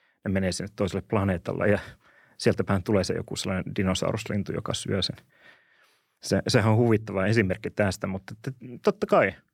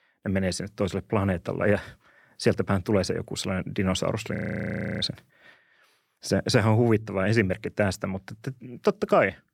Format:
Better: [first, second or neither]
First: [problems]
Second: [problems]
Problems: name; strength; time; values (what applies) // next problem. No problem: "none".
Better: first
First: none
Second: audio freezing; at 4.5 s for 0.5 s